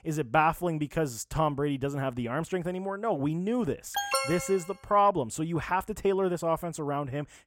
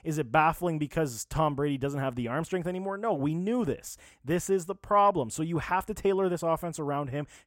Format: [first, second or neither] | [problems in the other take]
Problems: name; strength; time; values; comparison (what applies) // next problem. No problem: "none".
second | alarm; loud; at 4 s; peak 1 dB above the speech